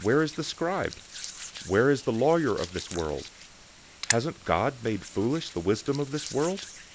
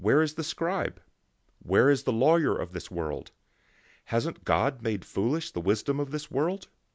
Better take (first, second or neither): second